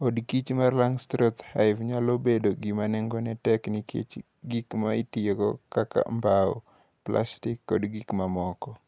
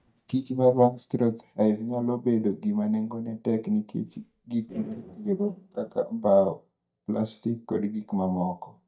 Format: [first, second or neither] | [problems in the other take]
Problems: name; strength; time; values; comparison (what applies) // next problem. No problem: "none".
first | noise reduction (neural mask model DeepFilterNet 3)